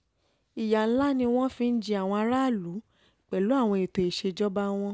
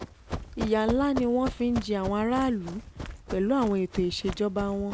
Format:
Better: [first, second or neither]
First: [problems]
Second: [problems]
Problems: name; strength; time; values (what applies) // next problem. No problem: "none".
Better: first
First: none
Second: background sound (Run); 10 dB below the speech